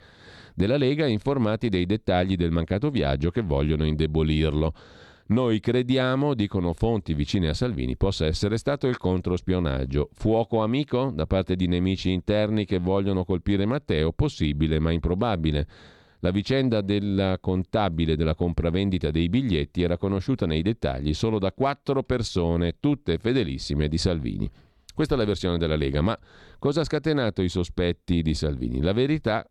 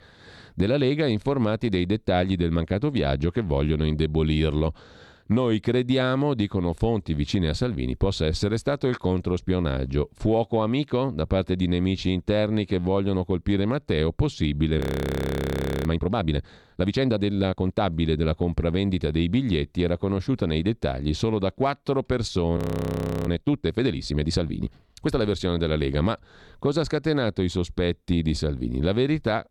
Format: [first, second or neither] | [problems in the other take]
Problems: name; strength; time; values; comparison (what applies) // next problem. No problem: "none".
first | audio freezing; at 15 s for 1 s and at 23 s for 0.5 s